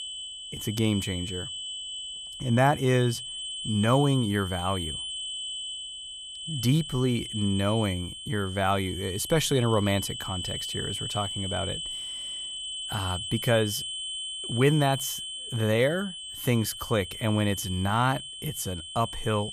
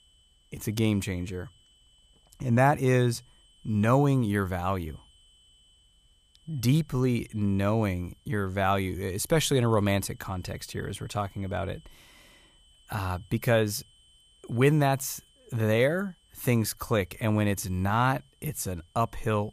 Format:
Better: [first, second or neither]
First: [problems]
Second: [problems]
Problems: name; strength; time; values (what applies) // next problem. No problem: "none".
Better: second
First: high-pitched whine; loud; throughout; 3 kHz, 6 dB below the speech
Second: high-pitched whine; faint; throughout; 3 kHz, 35 dB below the speech